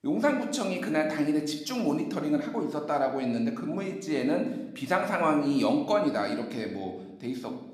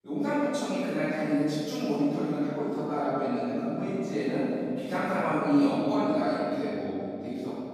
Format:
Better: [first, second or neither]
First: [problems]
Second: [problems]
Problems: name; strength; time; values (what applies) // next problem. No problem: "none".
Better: first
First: room echo; slight; dies away in 0.8 s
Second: room echo; strong; dies away in 3 s // off-mic speech; far